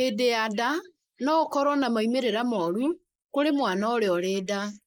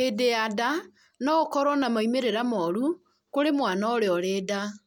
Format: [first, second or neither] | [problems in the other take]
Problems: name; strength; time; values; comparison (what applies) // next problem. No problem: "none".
second | noise reduction (neural mask model Resemble Enhance denoiser)